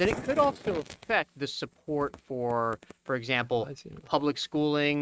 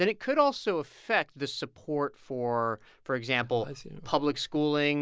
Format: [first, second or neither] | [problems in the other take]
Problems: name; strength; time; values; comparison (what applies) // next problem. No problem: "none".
second | noise reduction (neural mask model RNNoise)